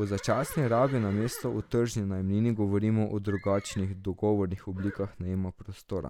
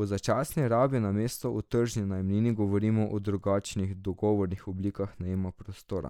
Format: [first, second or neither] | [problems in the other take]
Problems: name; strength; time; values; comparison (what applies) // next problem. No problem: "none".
second | background sound (Livestock, farm animals, working animals); 20 dB below the speech